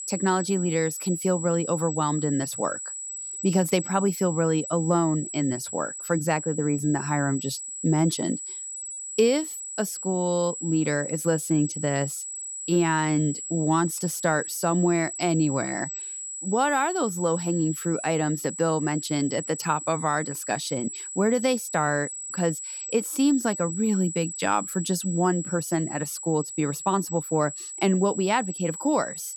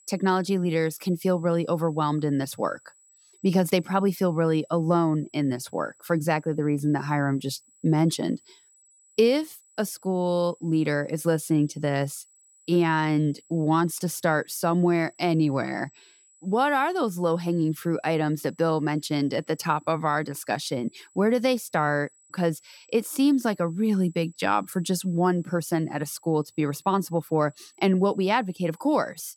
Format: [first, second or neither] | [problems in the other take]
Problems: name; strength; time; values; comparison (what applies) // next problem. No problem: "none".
second | high-pitched whine; loud; throughout; 8 kHz, 7 dB below the speech; faint in the second